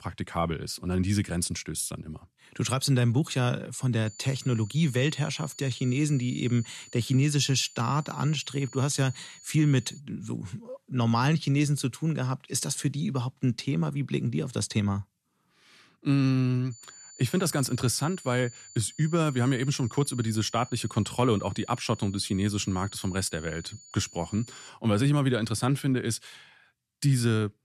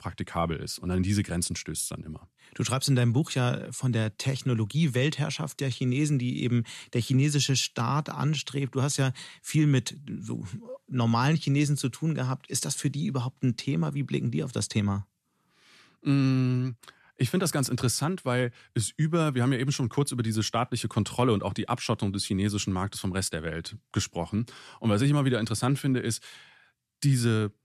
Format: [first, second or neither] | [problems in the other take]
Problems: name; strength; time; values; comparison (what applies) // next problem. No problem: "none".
second | high-pitched whine; noticeable; from 4 to 10 s and from 17 to 25 s; 7 kHz, 20 dB below the speech